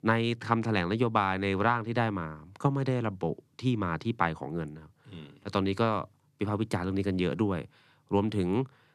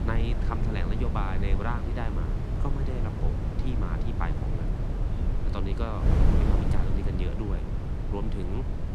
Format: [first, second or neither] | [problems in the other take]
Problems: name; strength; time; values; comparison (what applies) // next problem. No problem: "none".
first | wind noise on the microphone; heavy; 1 dB below the speech